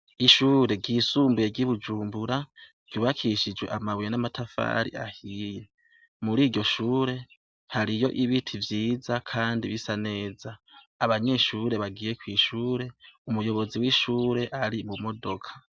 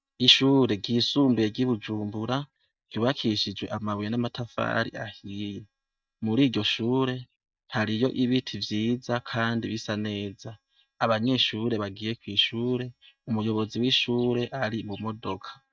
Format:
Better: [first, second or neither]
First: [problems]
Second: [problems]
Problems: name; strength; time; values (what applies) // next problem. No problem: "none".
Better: first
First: none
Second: noise reduction (neural mask model DeepFilterNet 3)